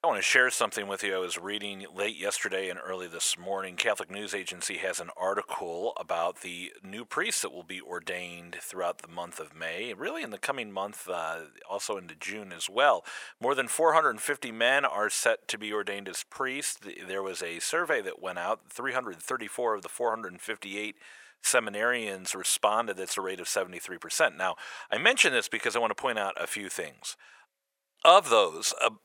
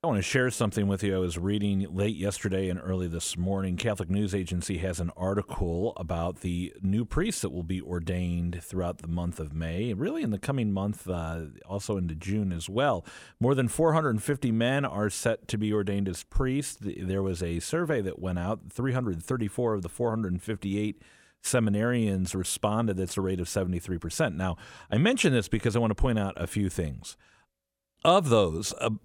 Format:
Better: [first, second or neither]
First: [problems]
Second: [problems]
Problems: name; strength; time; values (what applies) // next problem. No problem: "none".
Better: second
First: thin; very; fading below 750 Hz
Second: none